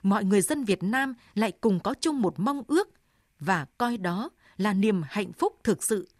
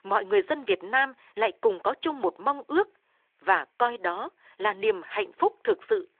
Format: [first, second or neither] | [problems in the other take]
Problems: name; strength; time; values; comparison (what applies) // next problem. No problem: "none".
first | phone-call audio